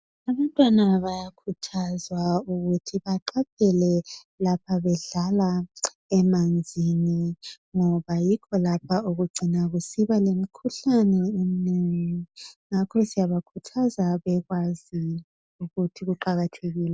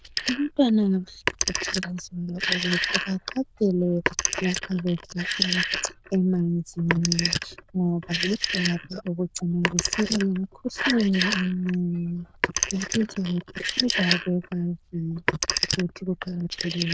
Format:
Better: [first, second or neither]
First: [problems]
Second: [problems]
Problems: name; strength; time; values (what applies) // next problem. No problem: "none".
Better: first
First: none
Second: noise reduction (neural diffusion model UNIVERSE++)